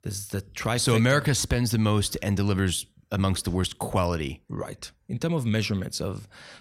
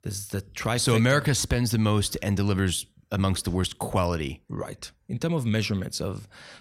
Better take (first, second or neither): neither